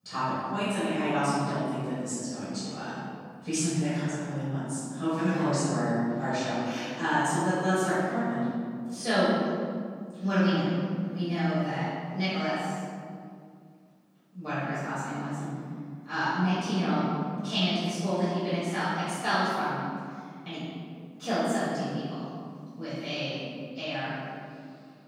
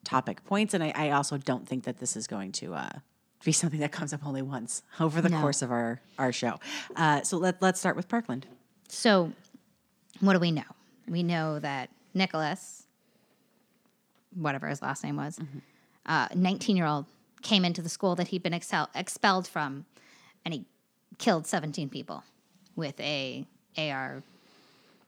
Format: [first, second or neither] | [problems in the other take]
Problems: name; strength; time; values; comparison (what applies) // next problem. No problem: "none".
second | room echo; strong; dies away in 2 s // off-mic speech; far